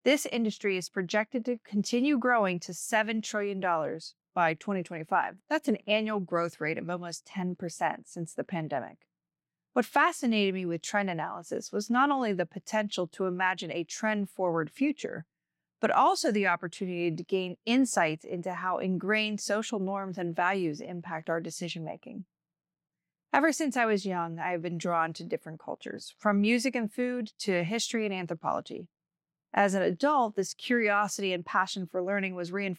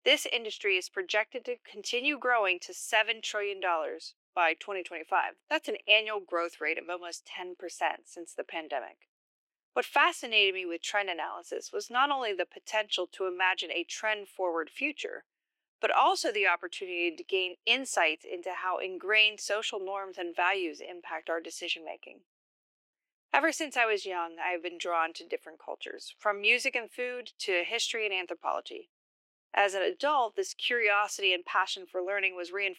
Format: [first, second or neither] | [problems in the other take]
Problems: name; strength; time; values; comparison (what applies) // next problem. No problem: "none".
first | thin; very; fading below 350 Hz